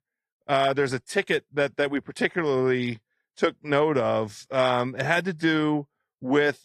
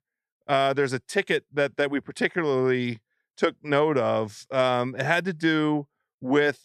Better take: second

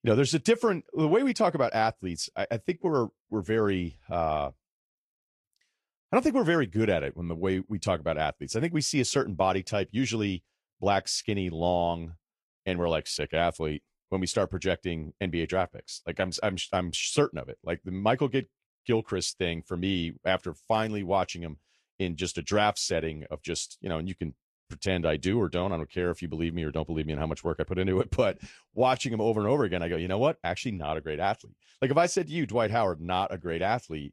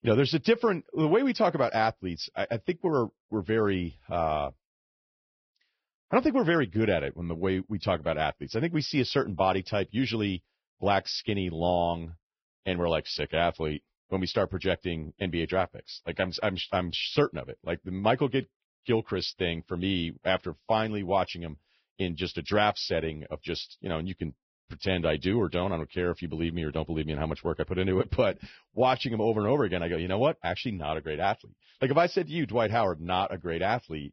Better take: first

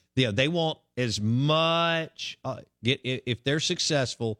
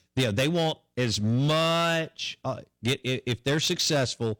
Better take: first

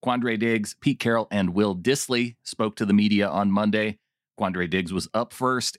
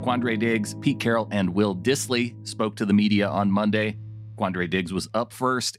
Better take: first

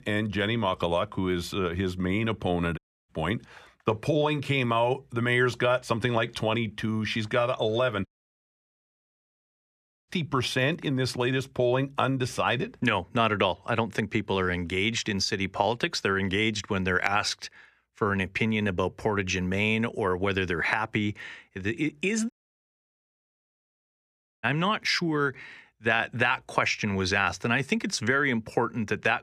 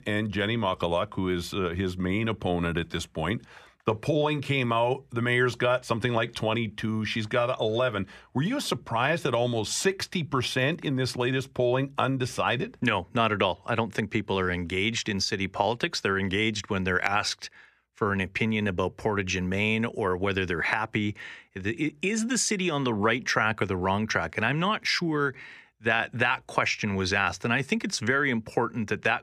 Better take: second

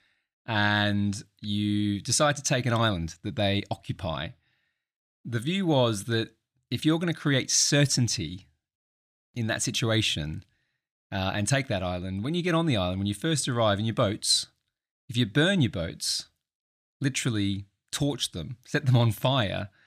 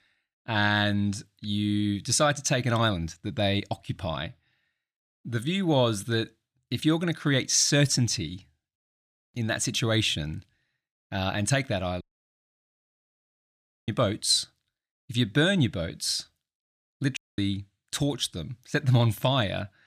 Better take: first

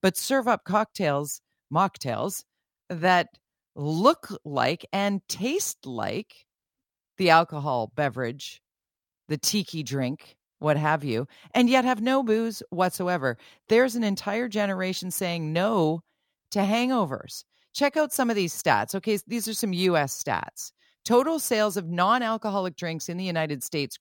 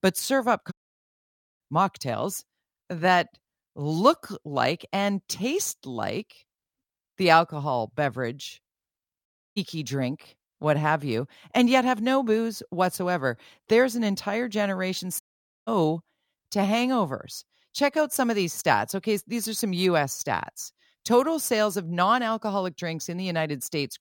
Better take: first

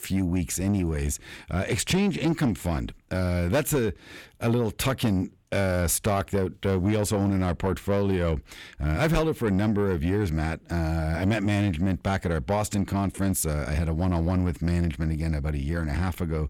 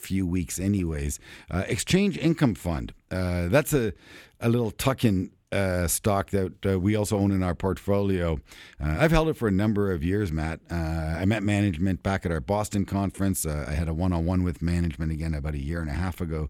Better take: second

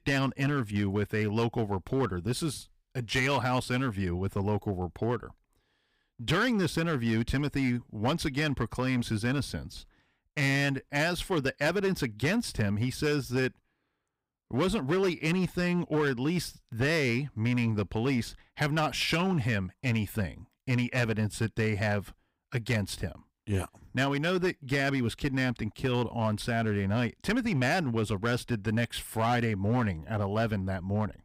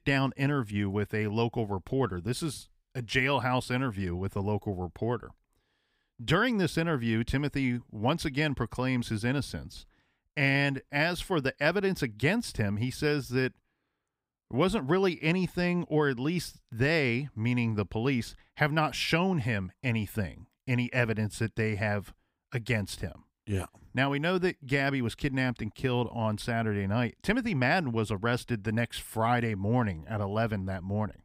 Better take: second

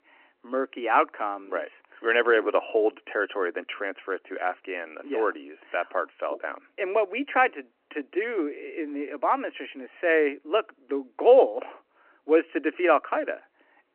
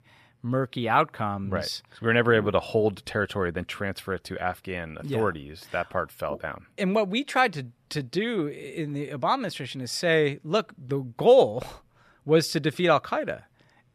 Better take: second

